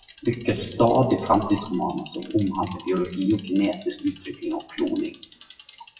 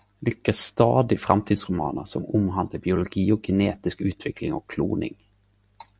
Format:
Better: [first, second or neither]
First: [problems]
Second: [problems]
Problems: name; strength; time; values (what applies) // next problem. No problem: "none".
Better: second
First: noise reduction (classical method WPE with log-MMSE)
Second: none